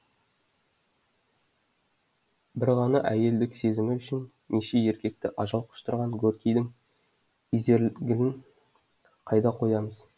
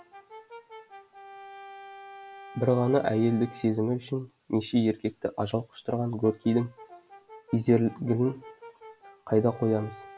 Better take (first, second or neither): first